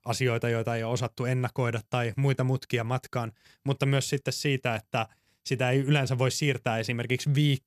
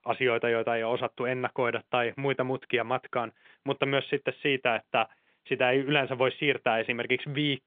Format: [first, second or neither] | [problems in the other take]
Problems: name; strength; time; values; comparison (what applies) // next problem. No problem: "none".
first | phone-call audio; nothing above 3.5 kHz